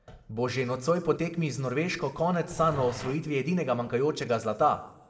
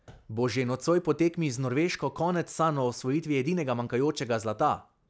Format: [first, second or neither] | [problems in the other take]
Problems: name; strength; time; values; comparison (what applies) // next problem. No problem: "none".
second | background sound (Growling); 12 dB below the speech // room echo; dies away in 1.2 s